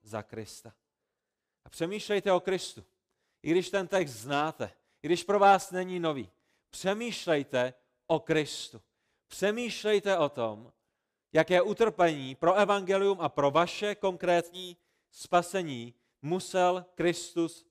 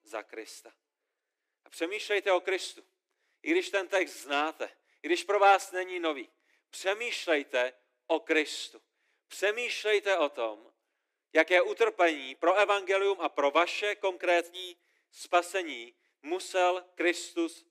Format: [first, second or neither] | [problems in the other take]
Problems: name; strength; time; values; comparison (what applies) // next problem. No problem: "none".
first | thin; somewhat; fading below 300 Hz